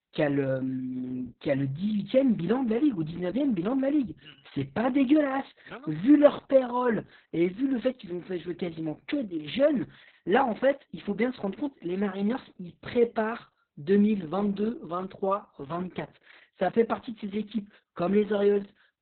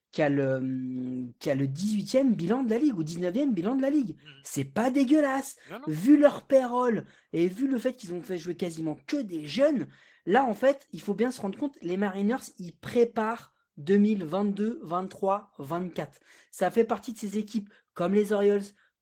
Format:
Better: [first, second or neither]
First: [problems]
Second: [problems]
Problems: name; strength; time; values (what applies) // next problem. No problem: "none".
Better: second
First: garbled, watery; badly; nothing above 4 kHz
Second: garbled, watery; slightly; nothing above 17 kHz